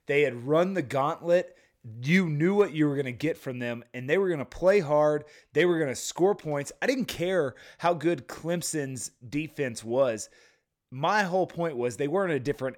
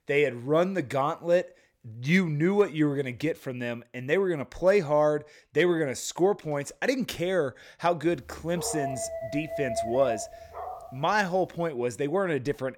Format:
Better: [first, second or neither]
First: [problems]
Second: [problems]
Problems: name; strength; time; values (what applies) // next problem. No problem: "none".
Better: first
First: none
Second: dog barking; noticeable; from 8.5 to 11 s; peak 4 dB below the speech